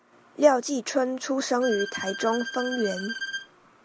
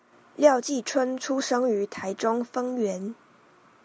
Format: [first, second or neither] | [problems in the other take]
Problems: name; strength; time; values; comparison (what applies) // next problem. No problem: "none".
second | background sound (Bowed string instrument); 9 dB below the speech